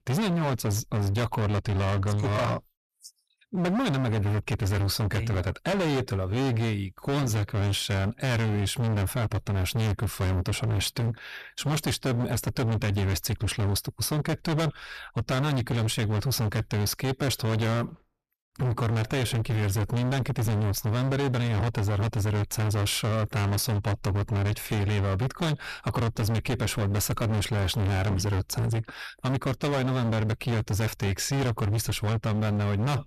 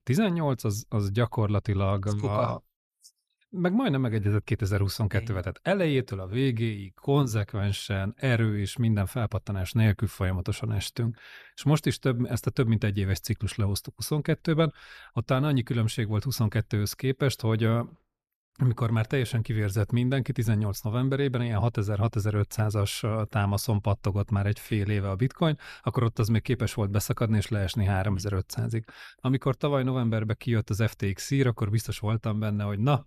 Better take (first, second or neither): second